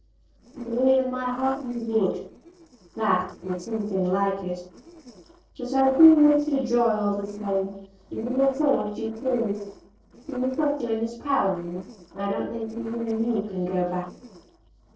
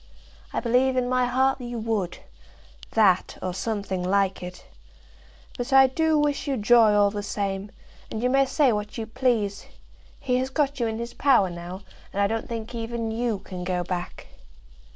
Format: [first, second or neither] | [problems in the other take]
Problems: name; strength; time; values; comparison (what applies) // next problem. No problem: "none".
second | noise reduction (neural separator model SepFormer DNS4)